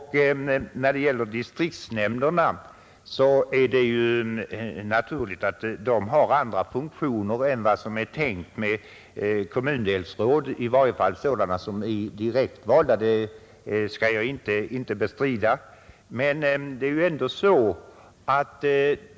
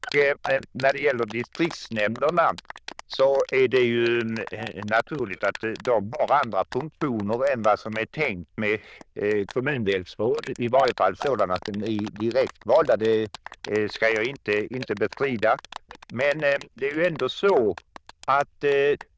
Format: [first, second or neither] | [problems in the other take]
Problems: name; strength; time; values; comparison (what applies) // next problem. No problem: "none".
first | noise reduction (neural diffusion model UNIVERSE++)